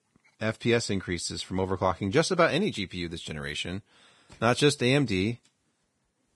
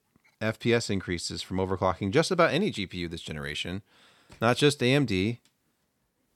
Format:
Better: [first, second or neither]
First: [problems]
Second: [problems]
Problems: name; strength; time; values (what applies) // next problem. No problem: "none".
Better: second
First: garbled, watery; badly; nothing above 10 kHz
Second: none